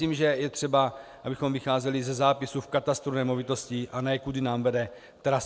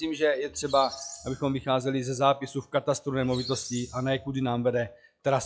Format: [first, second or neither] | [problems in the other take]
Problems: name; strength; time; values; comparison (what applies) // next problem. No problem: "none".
first | noise reduction (classical method log-MMSE)